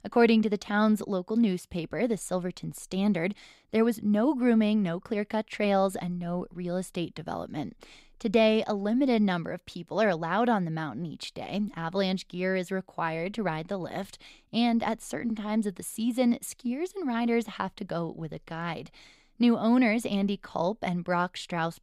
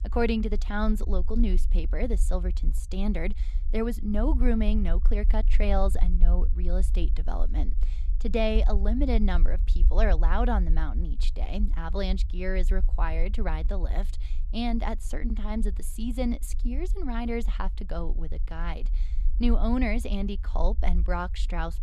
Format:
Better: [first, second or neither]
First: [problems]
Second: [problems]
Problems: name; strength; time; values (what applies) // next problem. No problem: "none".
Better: first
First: none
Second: low rumble; noticeable; throughout; 20 dB below the speech